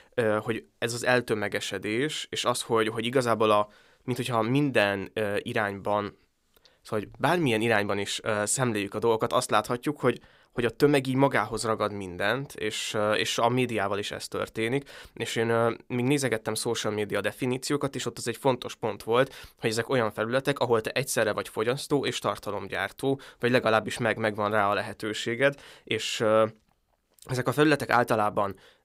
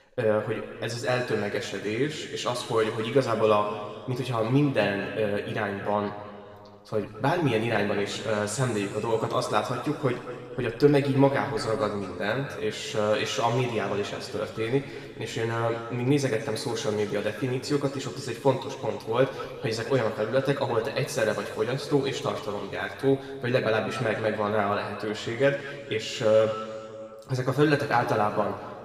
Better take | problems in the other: first | room echo; noticeable; dies away in 2.3 s // off-mic speech; somewhat distant

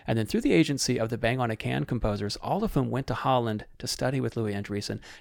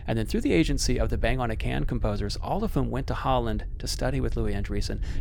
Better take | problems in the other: first | low rumble; faint; throughout; 25 dB below the speech

